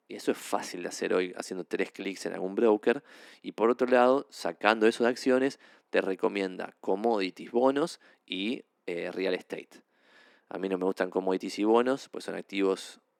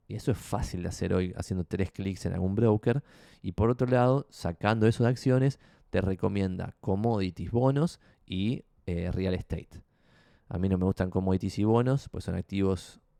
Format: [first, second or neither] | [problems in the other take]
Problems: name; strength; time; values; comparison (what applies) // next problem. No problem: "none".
second | thin; somewhat; fading below 250 Hz